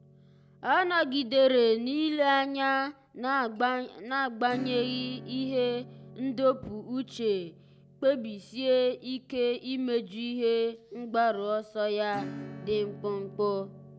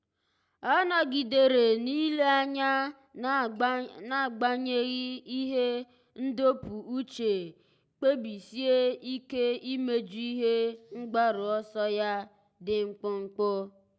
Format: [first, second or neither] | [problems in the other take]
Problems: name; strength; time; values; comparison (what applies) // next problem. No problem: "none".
second | background sound (Acoustic guitar / Strum); 18 dB below the speech